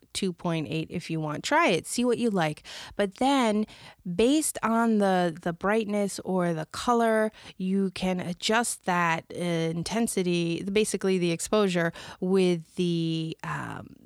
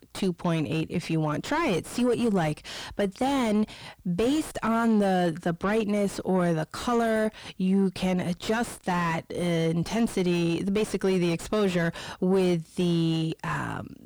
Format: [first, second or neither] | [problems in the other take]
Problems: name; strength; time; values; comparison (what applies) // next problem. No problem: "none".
first | distortion; heavy; 7 dB below the speech